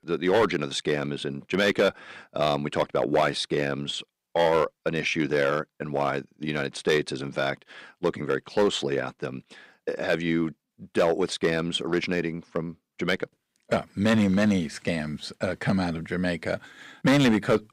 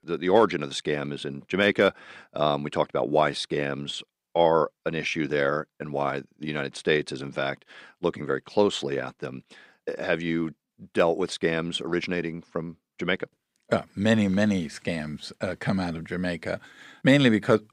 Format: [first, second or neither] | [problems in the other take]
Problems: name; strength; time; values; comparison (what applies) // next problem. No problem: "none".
second | distortion; slight; 3% of the sound clipped